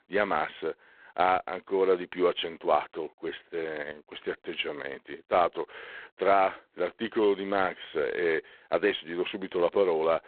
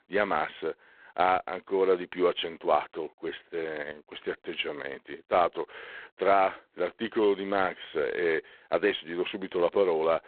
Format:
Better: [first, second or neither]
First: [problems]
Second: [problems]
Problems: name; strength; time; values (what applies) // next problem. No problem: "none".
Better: neither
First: phone-call audio; poor line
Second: phone-call audio; poor line